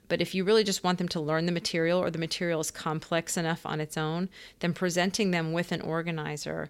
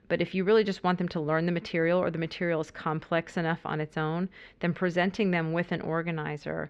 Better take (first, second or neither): first